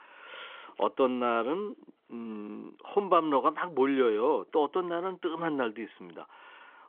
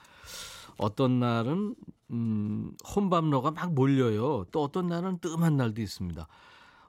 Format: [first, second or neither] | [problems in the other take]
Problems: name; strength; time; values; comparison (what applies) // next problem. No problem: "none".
second | phone-call audio; nothing above 3.5 kHz